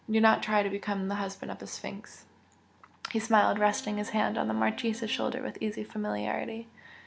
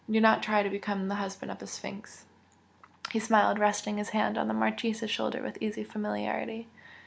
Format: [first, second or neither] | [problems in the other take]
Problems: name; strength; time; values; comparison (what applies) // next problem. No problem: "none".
second | background sound (Bowed string instrument); 19 dB below the speech